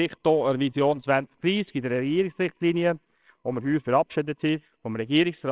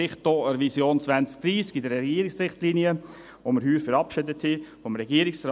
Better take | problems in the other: second | noise reduction (neural separator model SepFormer WHAMR!)

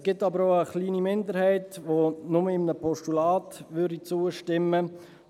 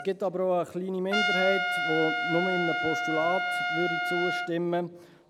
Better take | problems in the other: first | background sound (Trumpet); 1 dB below the speech

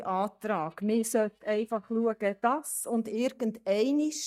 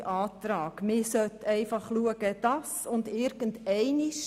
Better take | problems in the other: second | noise reduction (neural mask model DeepFilterNet 3)

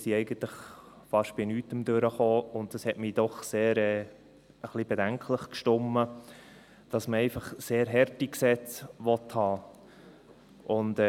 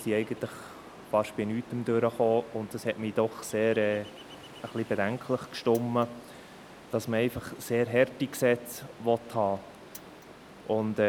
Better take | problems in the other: first | background sound (Mechanisms + Ocean); 19 dB below the speech

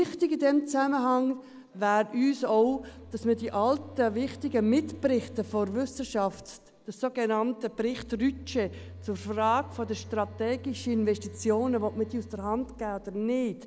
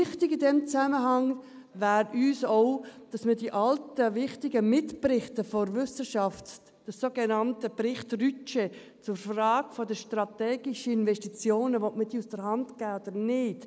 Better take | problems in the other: second | background sound (Telephone); 19 dB below the speech

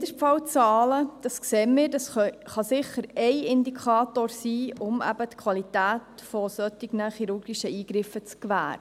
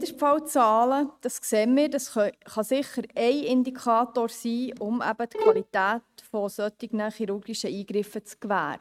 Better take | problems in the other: first | noise reduction (neural mask model RNNoise)

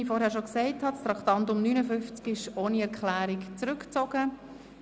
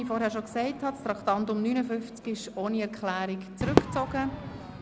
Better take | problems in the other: first | background sound (Crowd / Fireworks); 4 dB below the speech

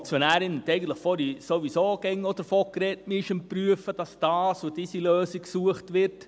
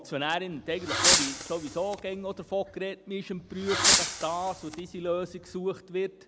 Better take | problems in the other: first | background sound (Fireworks); 4 dB above the speech

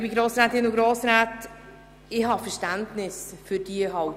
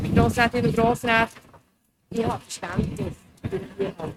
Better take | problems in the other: first | noise reduction (neural mask model RNNoise)

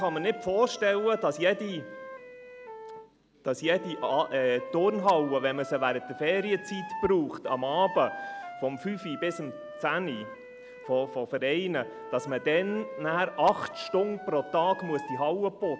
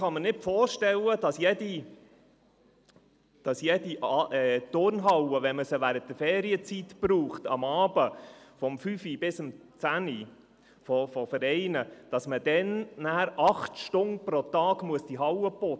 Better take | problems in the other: second | background sound (Wind instrument, woodwind instrument); 13 dB below the speech

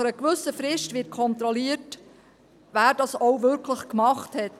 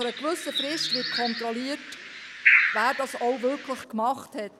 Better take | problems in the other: first | background sound (Bird); 2 dB above the speech

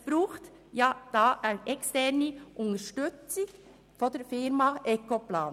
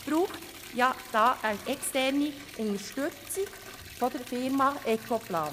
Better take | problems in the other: first | background sound (Liquid); 16 dB below the speech

